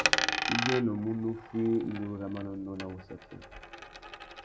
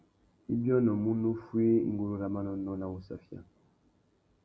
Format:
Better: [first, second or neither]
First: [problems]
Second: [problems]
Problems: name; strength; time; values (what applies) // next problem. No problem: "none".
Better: second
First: background sound (Coin (dropping)); 1 dB below the speech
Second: none